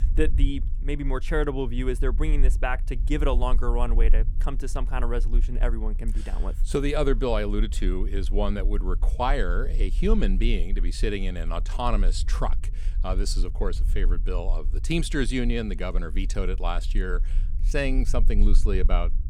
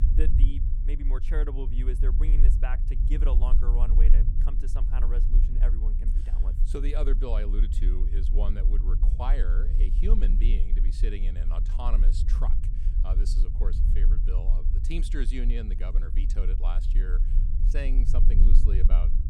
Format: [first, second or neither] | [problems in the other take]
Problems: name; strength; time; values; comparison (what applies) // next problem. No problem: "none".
first | low rumble; loud; throughout; 6 dB below the speech; faint in the first